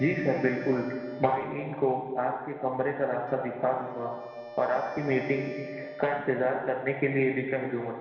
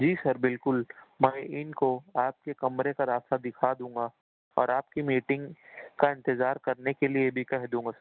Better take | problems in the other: second | background sound (Wind instrument, woodwind instrument); 15 dB below the speech // room echo; dies away in 1.6 s

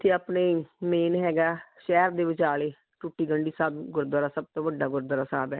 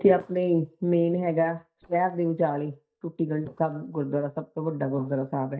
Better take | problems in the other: first | noise reduction (neural mask model DeepFilterNet 3)

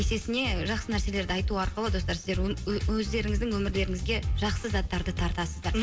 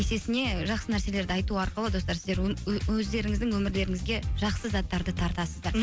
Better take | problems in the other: second | room echo; dies away in 0.5 s

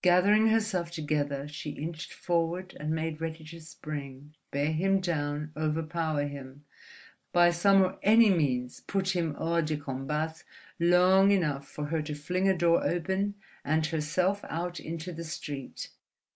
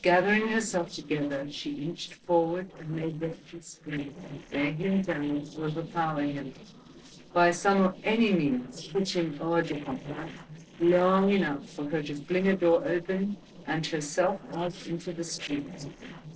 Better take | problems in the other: first | noise reduction (neural separator model SepFormer DNS4)

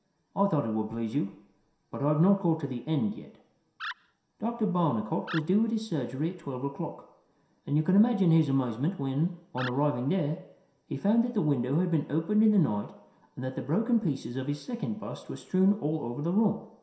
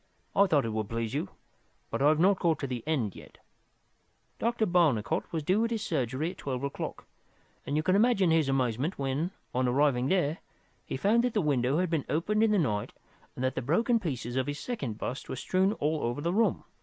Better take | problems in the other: second | background sound (Animal); 15 dB below the speech // room echo; dies away in 0.7 s

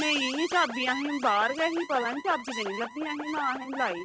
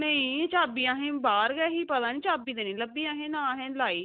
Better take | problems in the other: second | noise reduction (neural mask model RNNoise)

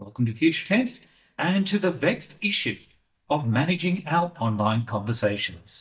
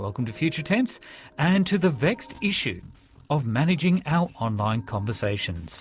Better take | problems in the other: second | noise reduction (neural mask model DeepFilterNet 3)

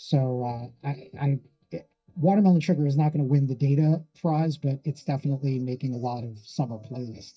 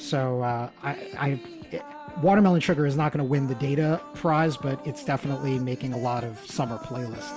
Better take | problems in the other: second | noise reduction (neural mask model DeepFilterNet 3)

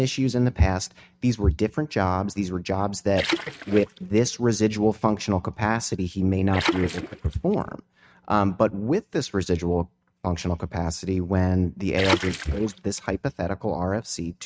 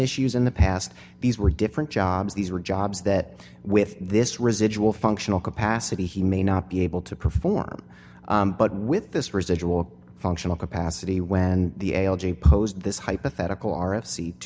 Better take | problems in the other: second | noise reduction (neural mask model RNNoise)

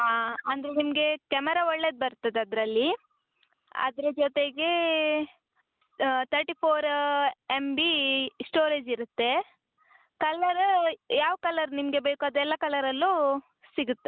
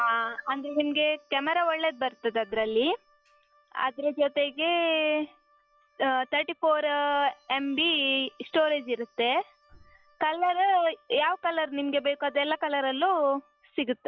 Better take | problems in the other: first | noise reduction (classical method log-MMSE)

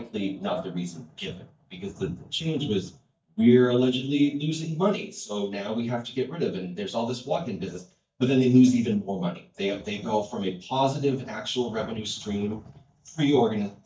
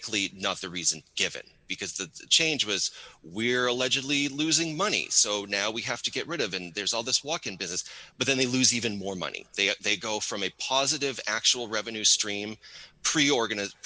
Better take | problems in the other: second | noise reduction (neural mask model DeepFilterNet 3)

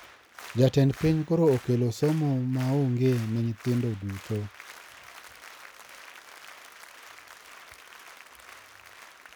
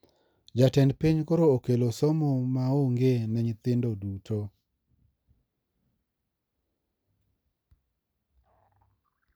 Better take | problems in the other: second | background sound (Applause); 19 dB below the speech

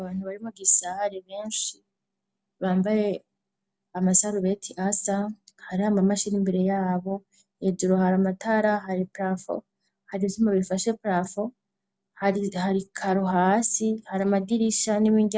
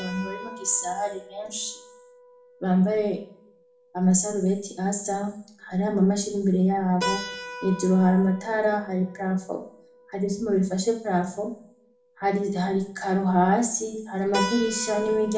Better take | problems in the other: first | background sound (Keyboard (musical)); 14 dB below the speech // room echo; dies away in 0.4 s

